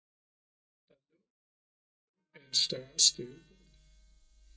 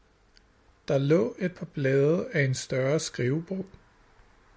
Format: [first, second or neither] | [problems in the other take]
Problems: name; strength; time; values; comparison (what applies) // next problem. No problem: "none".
second | noise reduction (neural mask model DeepFilterNet 3)